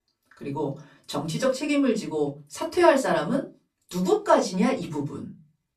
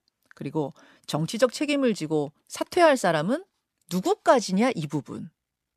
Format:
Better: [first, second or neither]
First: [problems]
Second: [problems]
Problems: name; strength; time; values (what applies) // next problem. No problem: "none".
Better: second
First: off-mic speech; far // room echo; very slight; dies away in 0.2 s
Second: none